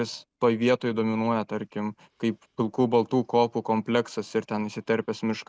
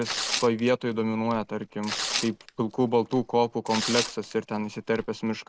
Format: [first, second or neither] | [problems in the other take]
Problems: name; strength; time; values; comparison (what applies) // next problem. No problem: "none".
first | background sound (Tearing); 8 dB below the speech